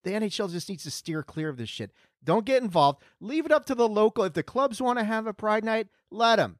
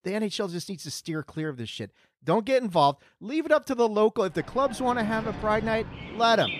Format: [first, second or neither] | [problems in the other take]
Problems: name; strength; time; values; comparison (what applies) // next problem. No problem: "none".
first | animal sounds; noticeable; from 4.5 s on; 10 dB below the speech